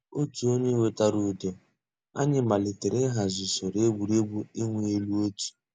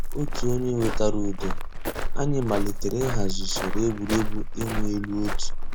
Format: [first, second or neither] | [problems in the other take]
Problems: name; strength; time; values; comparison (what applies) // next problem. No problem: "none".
first | background sound (Walk, footsteps); 4 dB above the speech